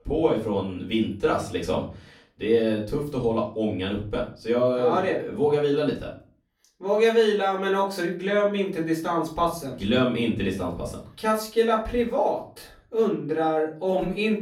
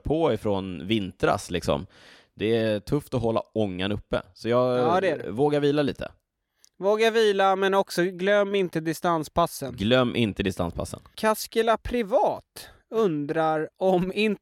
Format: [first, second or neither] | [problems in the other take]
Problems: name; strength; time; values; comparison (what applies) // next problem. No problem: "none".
second | off-mic speech; far // room echo; slight; dies away in 0.4 s